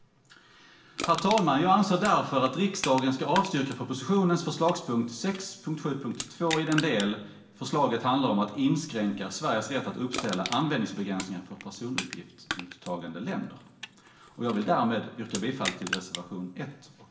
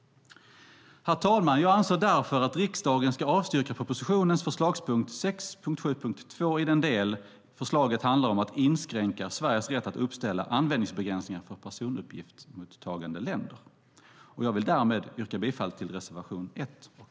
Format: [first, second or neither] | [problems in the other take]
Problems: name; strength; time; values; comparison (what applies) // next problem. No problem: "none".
second | background sound (Crushing); 13 dB below the speech // room echo; dies away in 1 s